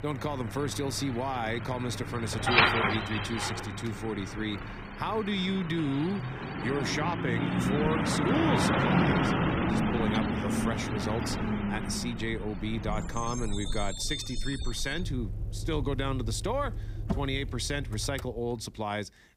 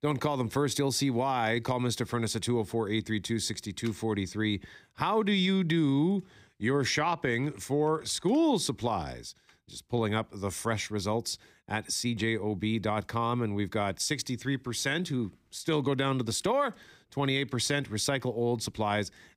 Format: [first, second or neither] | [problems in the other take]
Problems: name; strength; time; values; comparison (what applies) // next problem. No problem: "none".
second | traffic noise; very loud; throughout; 2 dB above the speech